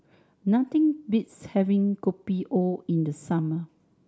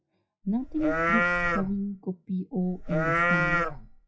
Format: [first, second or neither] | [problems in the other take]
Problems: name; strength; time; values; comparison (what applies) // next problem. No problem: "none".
first | noise reduction (classical method WPE with log-MMSE)